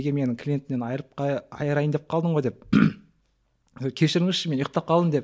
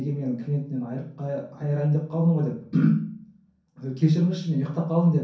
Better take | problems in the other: first | room echo; dies away in 0.6 s

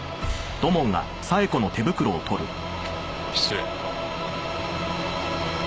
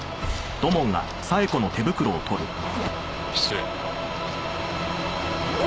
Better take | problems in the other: first | background sound (Zipper (clothing) + Run); 9 dB below the speech

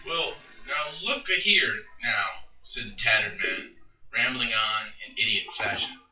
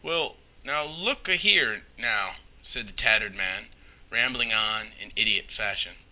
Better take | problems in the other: second | noise reduction (classical method WPE with log-MMSE)

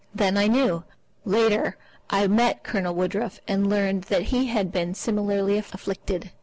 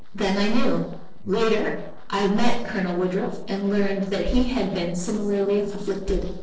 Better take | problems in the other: first | noise reduction (neural separator model SepFormer DNS4)

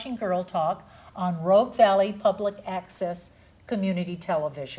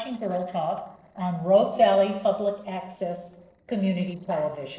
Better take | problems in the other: first | noise reduction (neural separator model SepFormer DNS4)

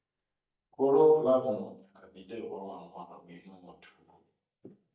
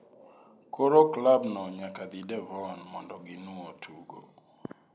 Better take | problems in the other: second | noise reduction (neural mask model DeepFilterNet 3)

